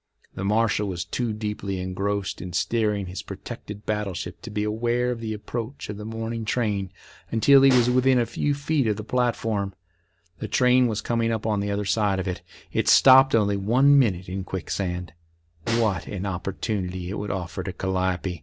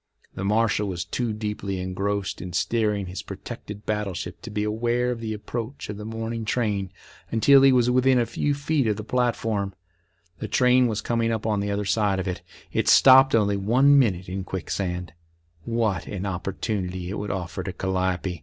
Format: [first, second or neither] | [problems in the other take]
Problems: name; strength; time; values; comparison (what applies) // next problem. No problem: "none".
second | background sound (Snare drum); 15 dB below the speech